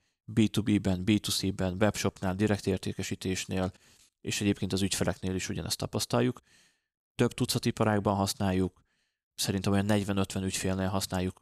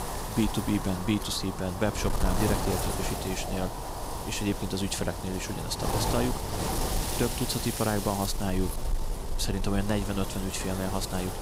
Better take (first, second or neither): first